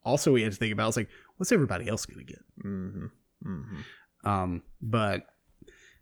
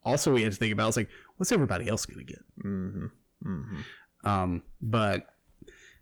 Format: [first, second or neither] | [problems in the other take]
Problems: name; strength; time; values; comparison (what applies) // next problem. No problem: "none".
first | distortion; slight; 10 dB below the speech